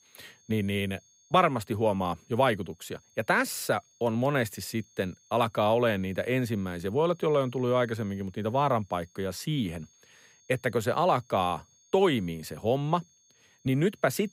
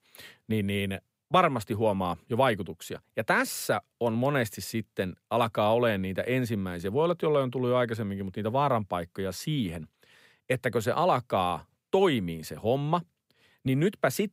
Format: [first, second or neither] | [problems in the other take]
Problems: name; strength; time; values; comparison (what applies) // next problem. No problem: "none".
second | high-pitched whine; faint; throughout; 6.5 kHz, 35 dB below the speech